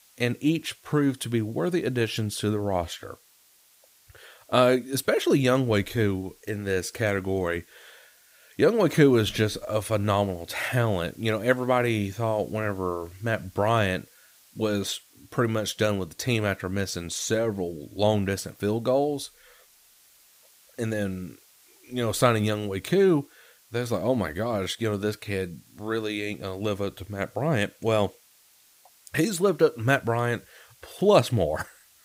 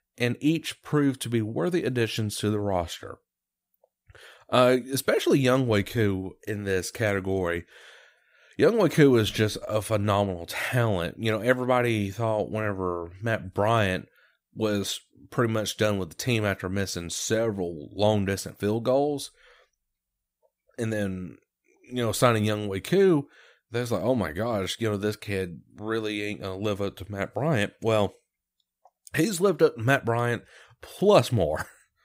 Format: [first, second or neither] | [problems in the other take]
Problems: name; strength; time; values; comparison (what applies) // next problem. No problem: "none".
second | hiss; faint; throughout; 30 dB below the speech